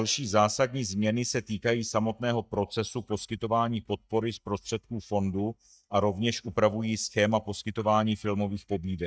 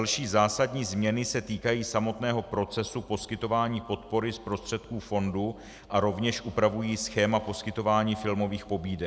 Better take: second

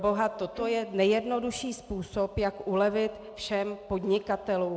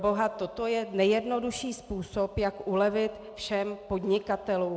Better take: second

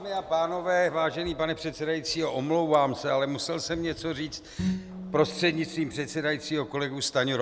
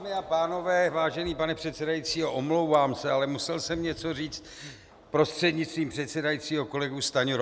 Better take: second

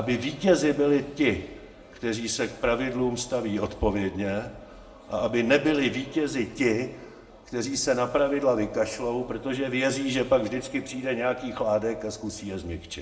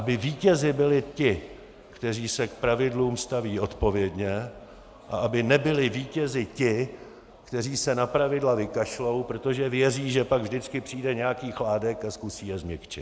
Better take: second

